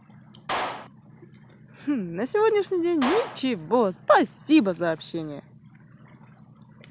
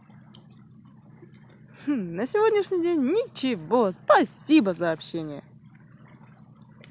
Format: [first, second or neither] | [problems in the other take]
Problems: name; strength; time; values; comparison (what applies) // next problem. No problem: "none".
second | background sound (Clapping); 10 dB below the speech